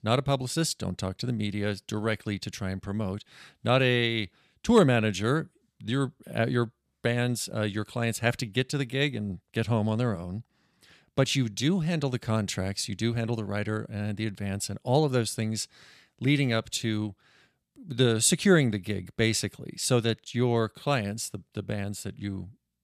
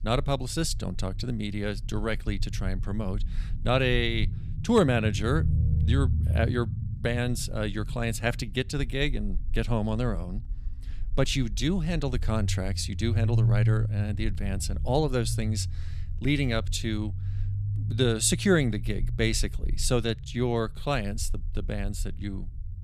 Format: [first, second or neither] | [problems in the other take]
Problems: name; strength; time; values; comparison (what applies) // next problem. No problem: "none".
first | low rumble; noticeable; throughout; 15 dB below the speech